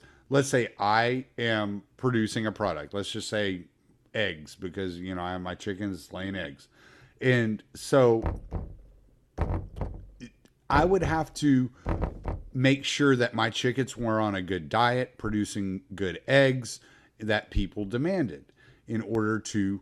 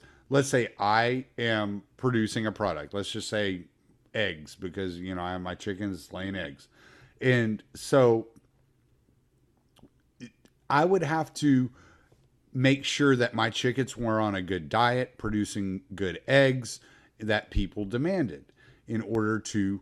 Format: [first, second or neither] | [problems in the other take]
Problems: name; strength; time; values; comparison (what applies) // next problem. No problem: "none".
second | door banging; noticeable; from 8 to 12 s; peak 5 dB below the speech